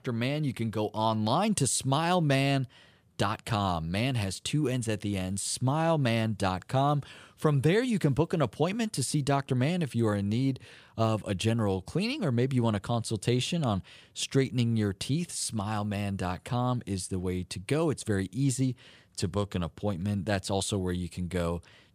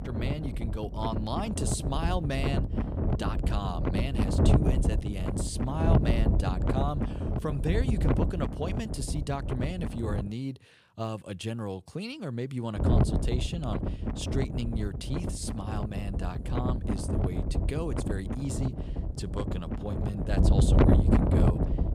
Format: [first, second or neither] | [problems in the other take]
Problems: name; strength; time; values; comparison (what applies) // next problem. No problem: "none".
first | wind noise on the microphone; heavy; until 10 s and from 13 s on; 1 dB above the speech